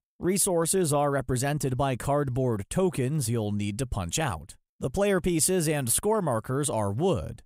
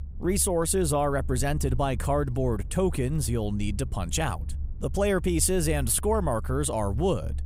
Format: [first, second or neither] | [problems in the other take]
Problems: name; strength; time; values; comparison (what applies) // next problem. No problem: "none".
first | low rumble; faint; throughout; 25 dB below the speech